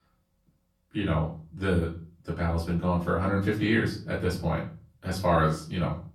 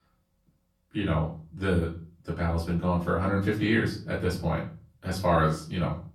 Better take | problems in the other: neither | off-mic speech; far; the same in both // room echo; slight; dies away in 0.3 s; the same in both

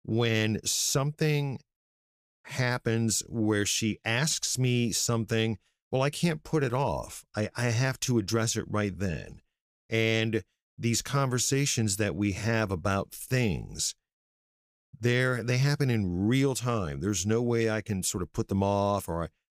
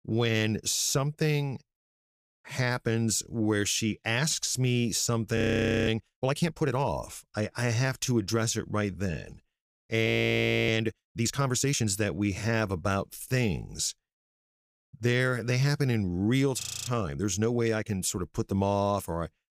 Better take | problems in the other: first | audio freezing; at 5.5 s, at 10 s for 0.5 s and at 17 s

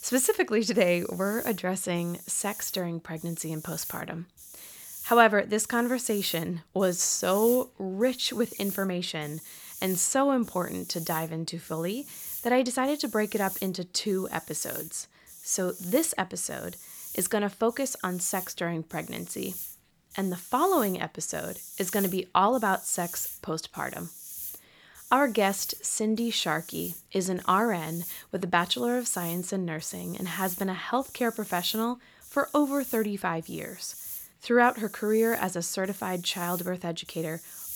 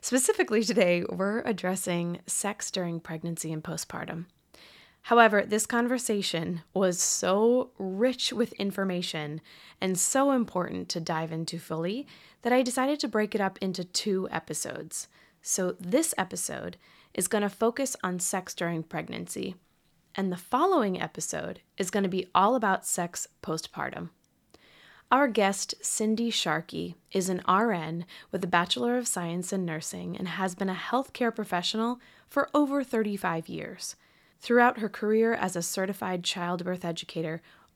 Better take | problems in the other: second | hiss; noticeable; throughout; 10 dB below the speech

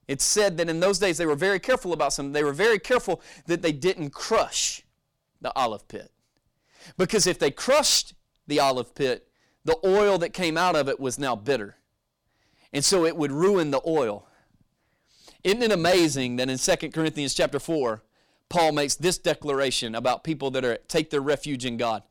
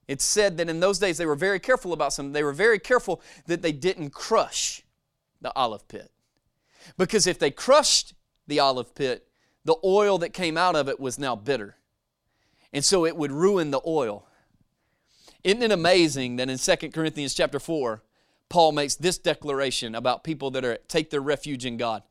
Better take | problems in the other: second | distortion; slight; 5% of the sound clipped

